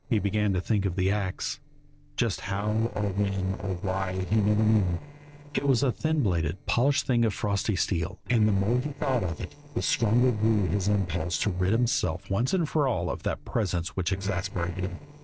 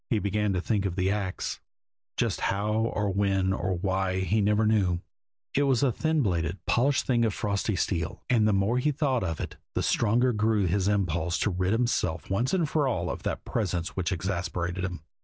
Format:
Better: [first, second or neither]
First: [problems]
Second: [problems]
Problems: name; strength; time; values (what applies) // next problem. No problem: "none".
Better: second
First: noise reduction (neural separator model SepFormer DNS4)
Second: none